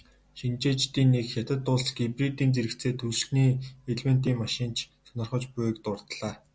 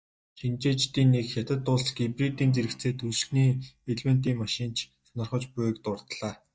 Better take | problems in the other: first | noise reduction (neural mask model DeepFilterNet 3)

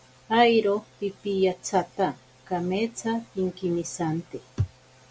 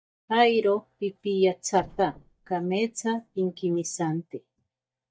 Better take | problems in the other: first | noise reduction (neural mask model DeepFilterNet 3)

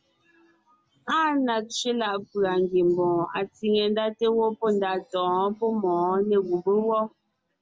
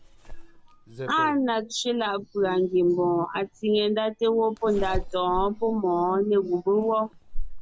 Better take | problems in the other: first | background sound (Zipper (clothing)); 10 dB below the speech

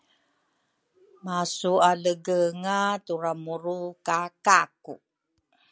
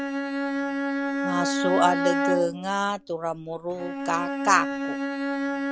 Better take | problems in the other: first | background sound (Bowed string instrument); as loud as the speech

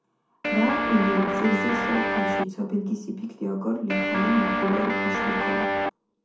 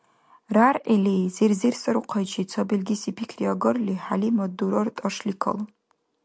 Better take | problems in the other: second | background sound (Guitar); 2 dB above the speech // room echo; dies away in 0.5 s

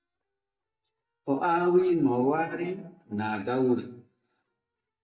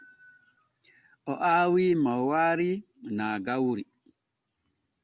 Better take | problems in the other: second | noise reduction (neural mask model DeepFilterNet 3)

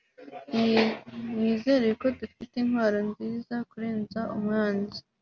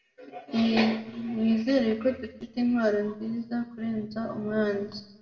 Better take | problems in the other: first | room echo; dies away in 0.8 s

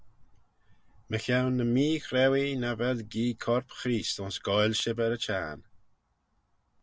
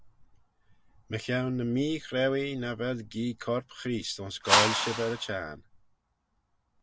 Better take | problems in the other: first | background sound (Whoosh, swoosh, swish); 5 dB above the speech

